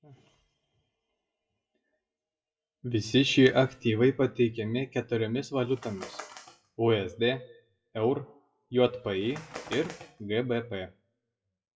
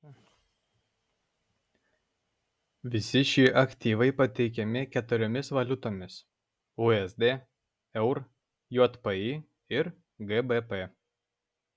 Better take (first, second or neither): second